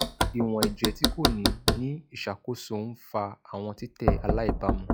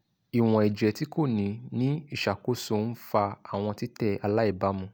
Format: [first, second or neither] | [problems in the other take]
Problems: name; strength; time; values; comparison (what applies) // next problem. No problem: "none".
second | noise reduction (classical method log-MMSE)